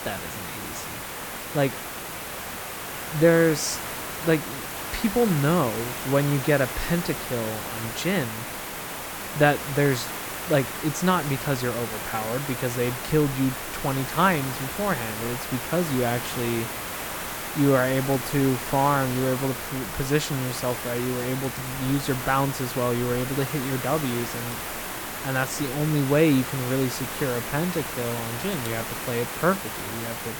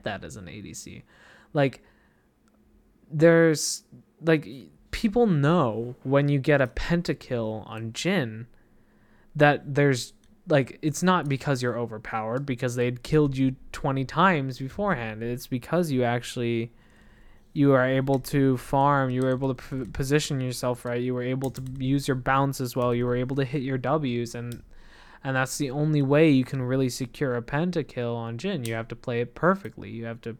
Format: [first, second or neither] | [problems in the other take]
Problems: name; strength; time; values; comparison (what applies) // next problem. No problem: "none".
second | hiss; loud; throughout; 6 dB below the speech